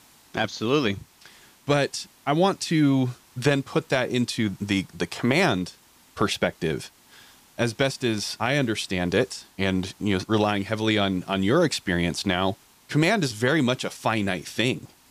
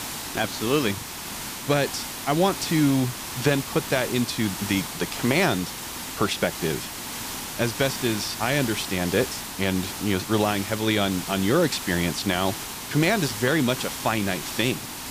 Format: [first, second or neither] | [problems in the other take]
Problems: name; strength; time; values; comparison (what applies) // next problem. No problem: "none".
first | hiss; loud; throughout; 7 dB below the speech; faint in the first